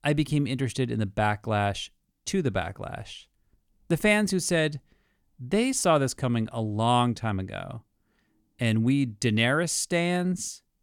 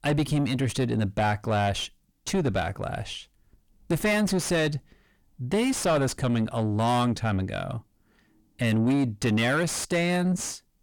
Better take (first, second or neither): first